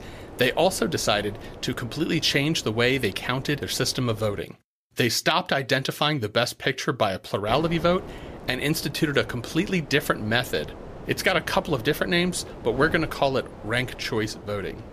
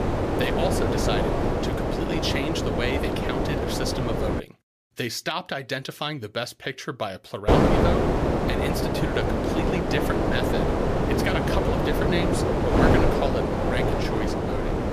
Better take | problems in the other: first | wind noise on the microphone; heavy; until 4.5 s and from 7.5 s on; 4 dB above the speech; occasional gusts in the first

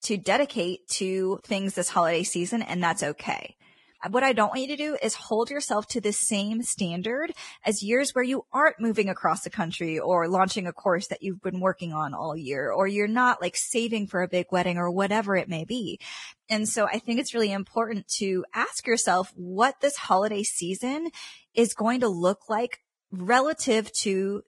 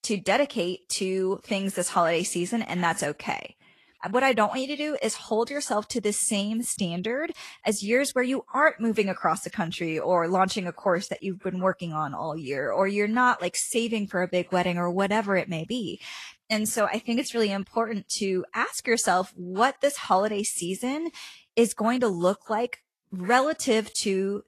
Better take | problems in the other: second | garbled, watery; badly; nothing above 10.5 kHz; slightly in the second

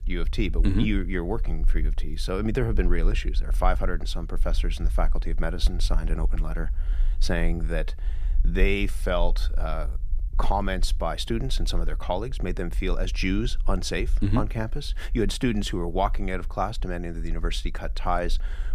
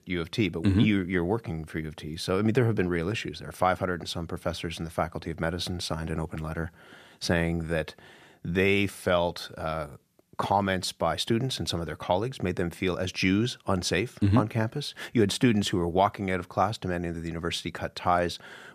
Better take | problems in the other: second | low rumble; faint; throughout; 25 dB below the speech

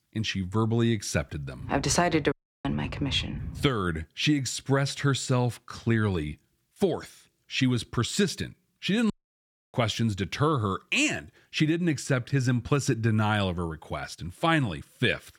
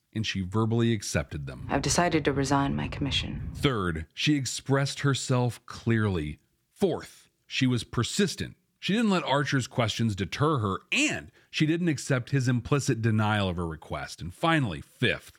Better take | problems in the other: second | audio cutting out; at 2.5 s and at 9 s for 0.5 s

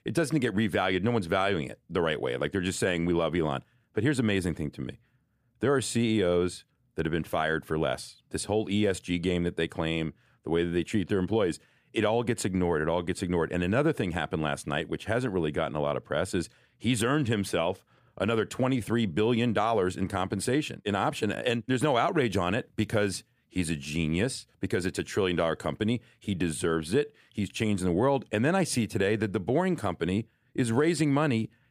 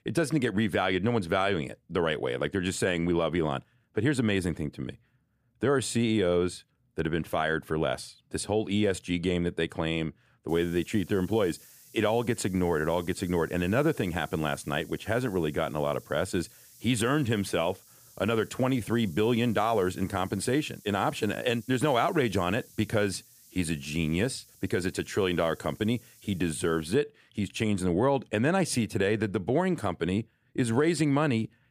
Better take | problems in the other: first | hiss; faint; from 10 to 27 s; 25 dB below the speech

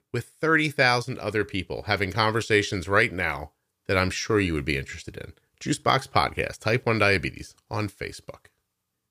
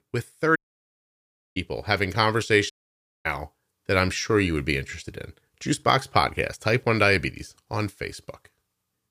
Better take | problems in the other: first | audio cutting out; at 0.5 s for 1 s and at 2.5 s for 0.5 s

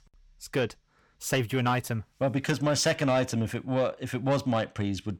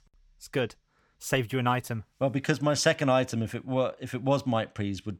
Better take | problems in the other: second | distortion; slight; 10 dB below the speech

